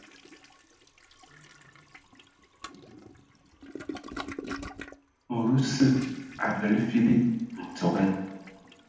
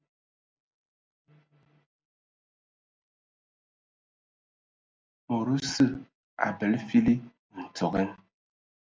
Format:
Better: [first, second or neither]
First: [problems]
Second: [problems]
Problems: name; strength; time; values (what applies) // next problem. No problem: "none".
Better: second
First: background sound (Toilet flush); 15 dB below the speech // room echo; dies away in 0.9 s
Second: none